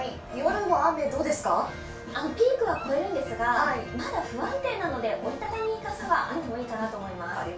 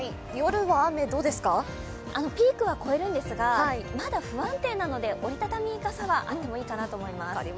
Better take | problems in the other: second | background sound (Dog); 19 dB below the speech // room echo; dies away in 0.3 s

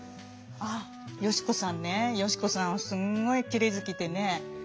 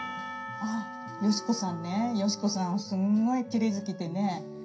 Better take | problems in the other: first | background sound (Percussion); 14 dB below the speech // room echo; dies away in 0.3 s

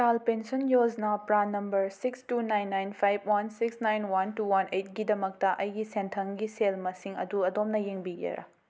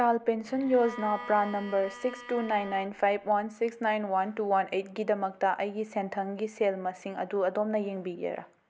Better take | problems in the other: first | background sound (Bowed string instrument); 15 dB below the speech

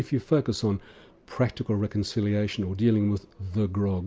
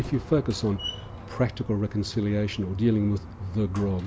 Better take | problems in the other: first | background sound (Slam); 12 dB below the speech

